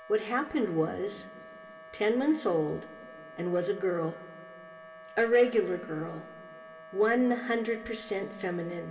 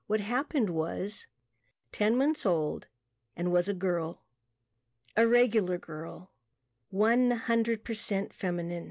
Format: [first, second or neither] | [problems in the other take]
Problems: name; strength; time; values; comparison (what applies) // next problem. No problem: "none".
second | background sound (Wind instrument, woodwind instrument); 18 dB below the speech // room echo; dies away in 2.8 s